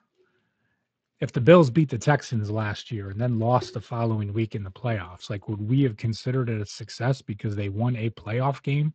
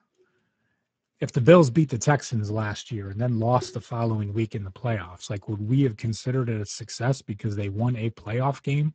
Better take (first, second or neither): first